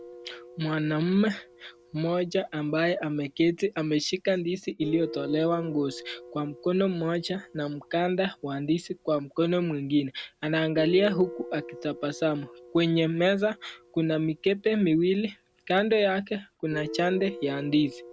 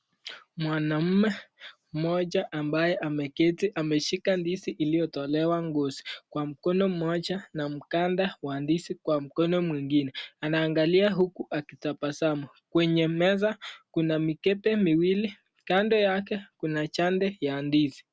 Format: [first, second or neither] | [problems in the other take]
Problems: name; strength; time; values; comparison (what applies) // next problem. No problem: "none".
second | background sound (Guitar); 17 dB below the speech